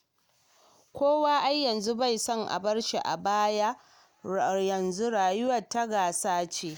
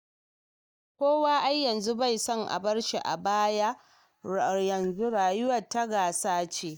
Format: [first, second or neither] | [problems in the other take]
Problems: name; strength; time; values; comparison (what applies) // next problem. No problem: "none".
first | noise reduction (neural mask model DeepFilterNet 3)